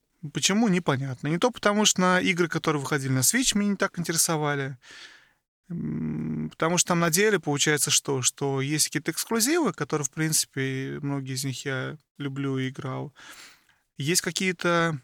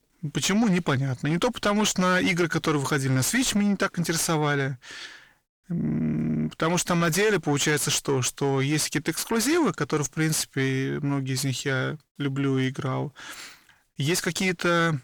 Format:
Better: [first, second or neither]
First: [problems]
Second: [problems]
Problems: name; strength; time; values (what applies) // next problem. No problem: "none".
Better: first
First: none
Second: distortion; heavy; 7 dB below the speech